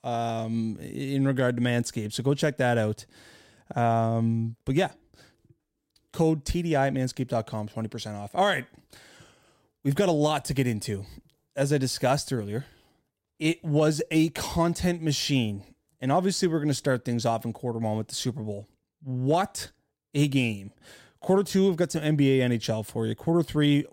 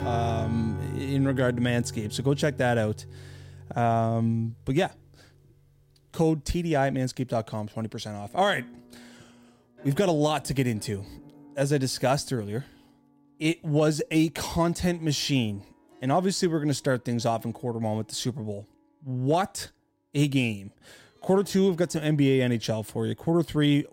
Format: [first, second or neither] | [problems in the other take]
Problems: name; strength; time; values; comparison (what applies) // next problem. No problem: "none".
first | background music; noticeable; throughout; 15 dB below the speech